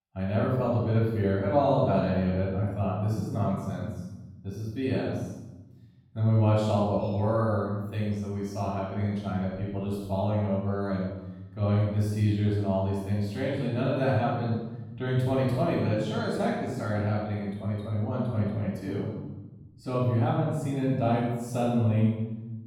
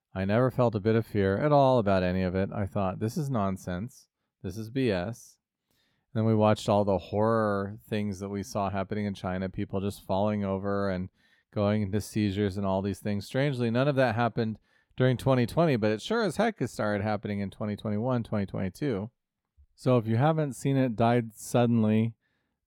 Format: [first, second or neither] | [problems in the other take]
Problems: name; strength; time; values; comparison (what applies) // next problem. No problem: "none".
second | off-mic speech; far // room echo; strong; dies away in 1.1 s